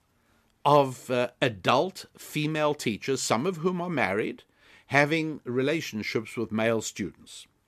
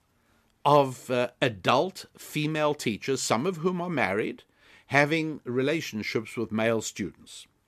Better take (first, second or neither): neither